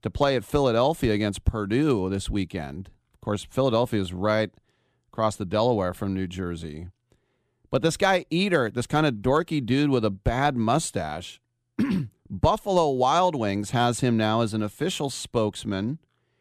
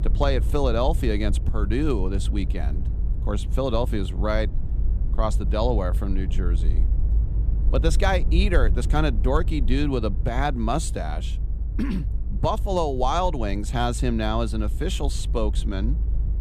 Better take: first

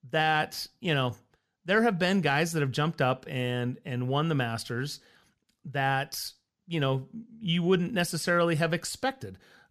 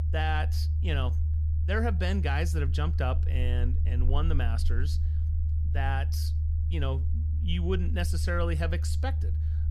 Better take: first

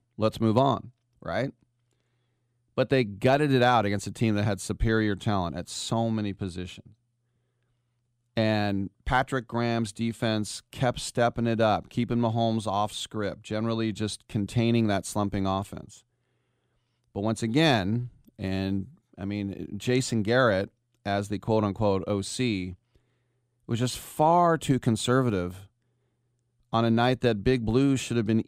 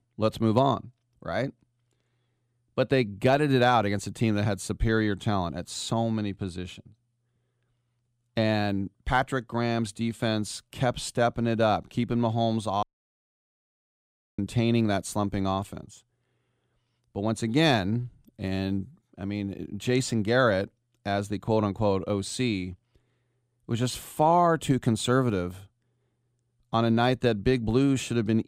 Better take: first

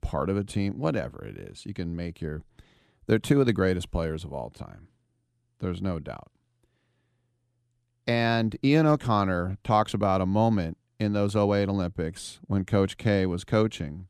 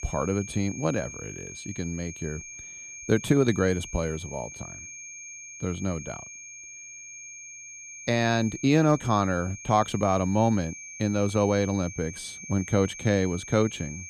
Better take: first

